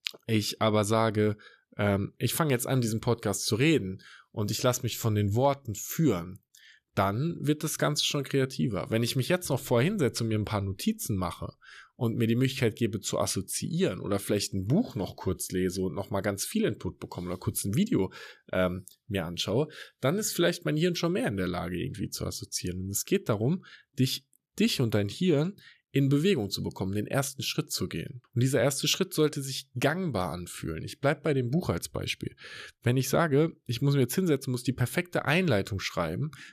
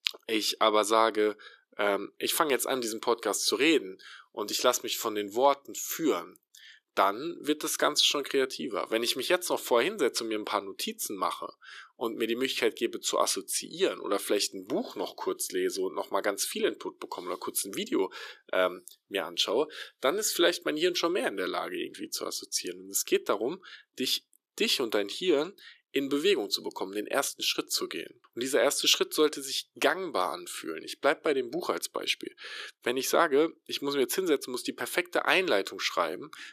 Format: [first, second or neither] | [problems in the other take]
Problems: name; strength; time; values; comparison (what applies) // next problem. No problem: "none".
first | thin; somewhat; fading below 350 Hz